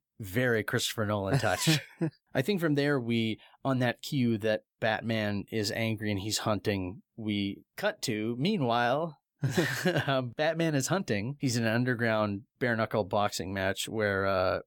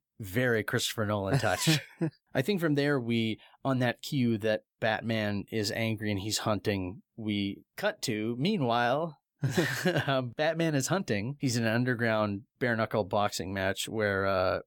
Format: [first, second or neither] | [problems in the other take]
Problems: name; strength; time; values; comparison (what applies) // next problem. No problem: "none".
neither | none